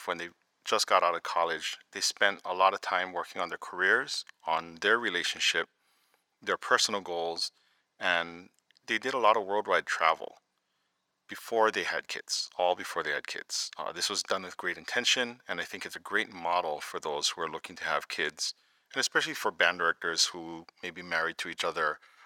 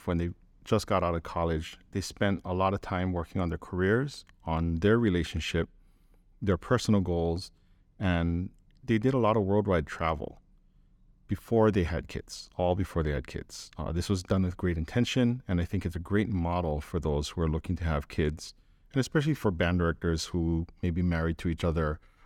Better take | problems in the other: second | thin; very; fading below 800 Hz

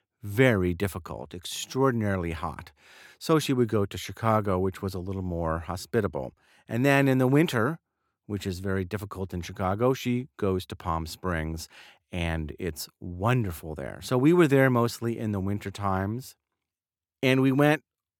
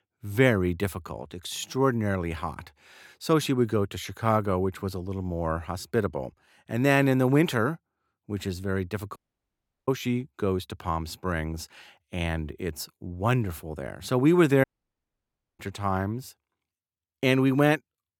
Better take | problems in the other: first | audio cutting out; at 9 s for 0.5 s and at 15 s for 1 s

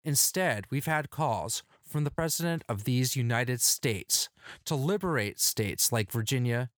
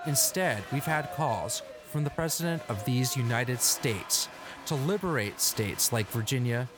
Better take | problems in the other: first | crowd noise; noticeable; throughout; 15 dB below the speech

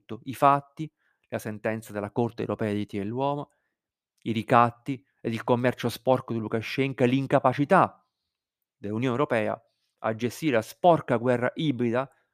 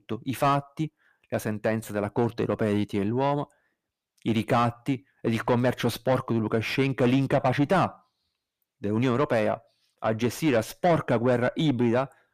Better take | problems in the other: first | distortion; heavy; 6 dB below the speech

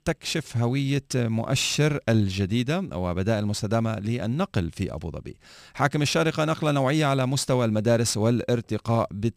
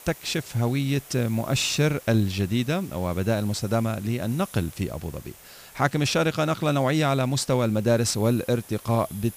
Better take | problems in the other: first | hiss; noticeable; throughout; 20 dB below the speech

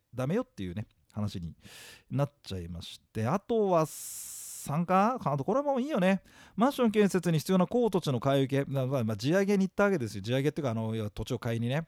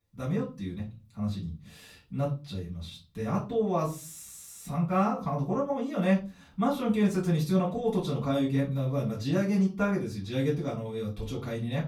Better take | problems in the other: first | off-mic speech; far // room echo; very slight; dies away in 0.3 s

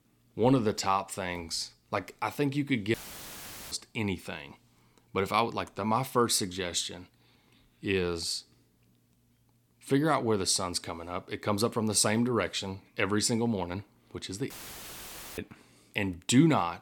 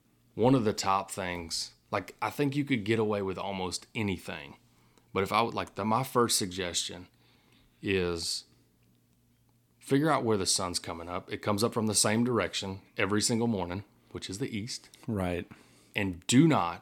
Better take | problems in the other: second | audio cutting out; filled with static; at 3 s for 1 s and at 15 s for 1 s

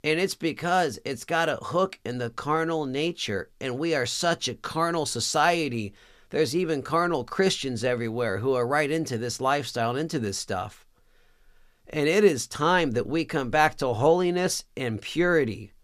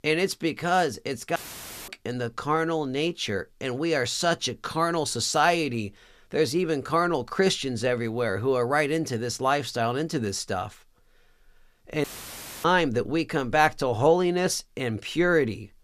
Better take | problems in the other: first | audio cutting out; filled with static; at 1.5 s for 0.5 s and at 12 s for 0.5 s

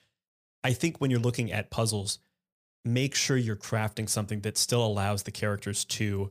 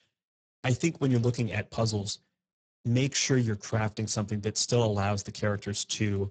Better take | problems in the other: first | garbled, watery; badly; nothing above 7.5 kHz

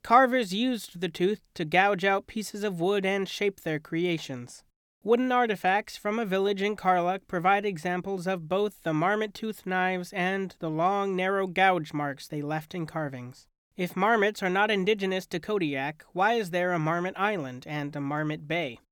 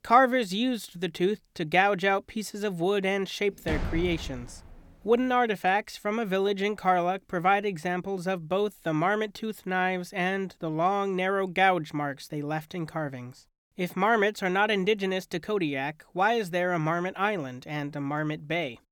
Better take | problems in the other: first | door banging; noticeable; from 3.5 to 4.5 s; peak 6 dB below the speech

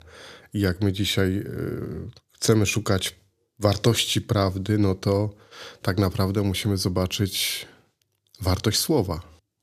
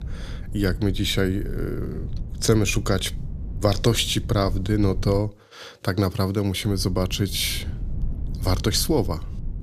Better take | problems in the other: first | low rumble; faint; until 5 s and from 6.5 s on; 20 dB below the speech

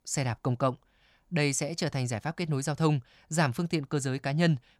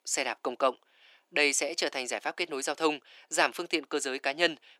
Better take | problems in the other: first | thin; very; fading below 350 Hz

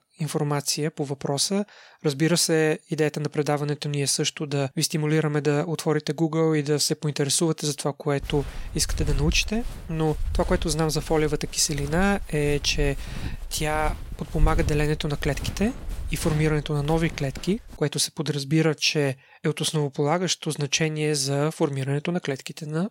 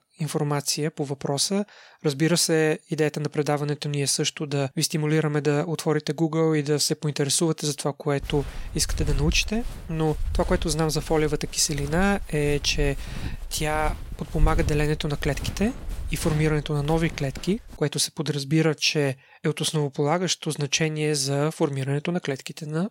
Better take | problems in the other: neither | footsteps; noticeable; from 8 to 17 s; peak 3 dB below the speech; the same in both

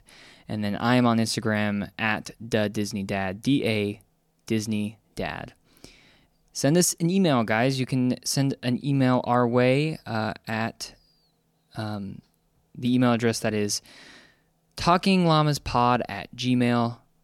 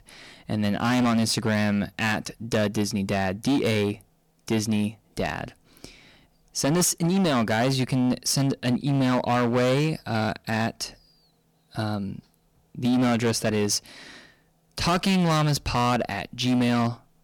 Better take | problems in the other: first | distortion; heavy; 12% of the sound clipped

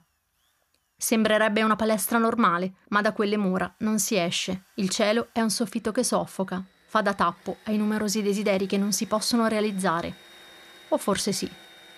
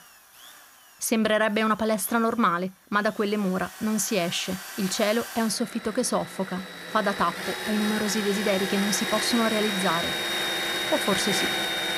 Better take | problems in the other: first | machinery noise; loud; throughout; 3 dB below the speech; faint in the first

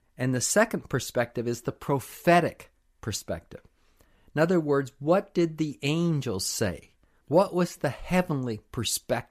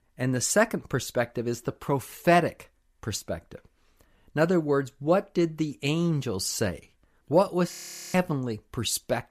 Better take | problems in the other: first | audio freezing; at 7.5 s

